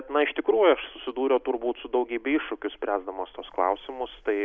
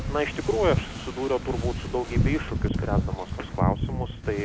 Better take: first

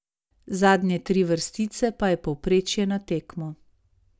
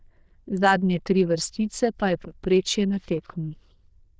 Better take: first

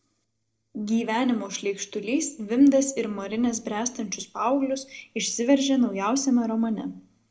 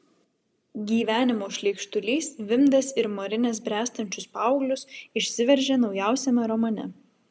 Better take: second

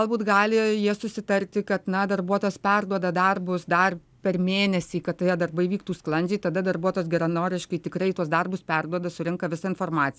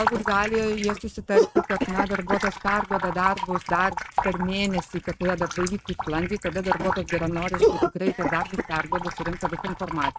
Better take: first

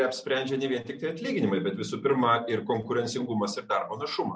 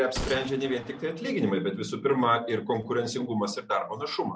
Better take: first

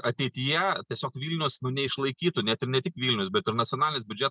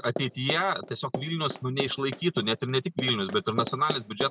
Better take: first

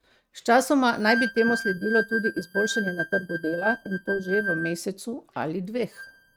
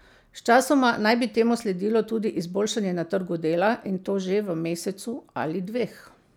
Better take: second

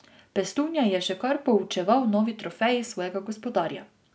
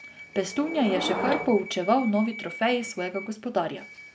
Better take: first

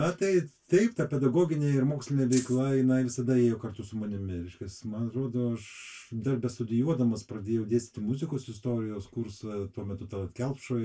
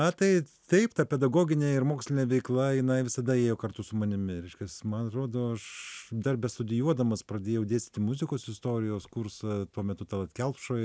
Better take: second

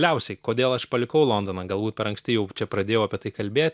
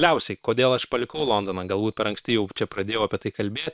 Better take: first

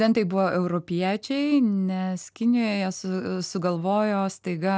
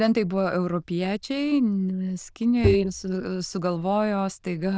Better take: first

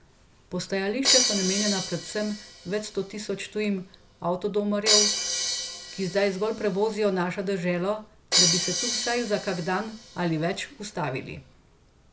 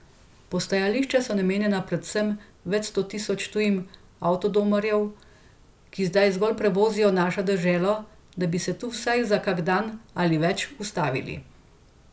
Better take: second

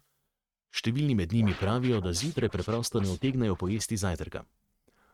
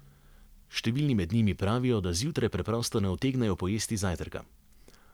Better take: second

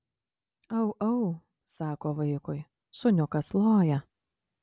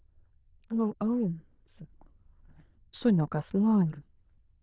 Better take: first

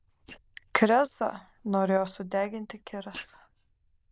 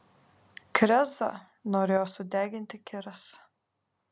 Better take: second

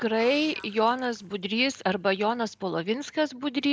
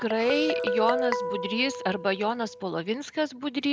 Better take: first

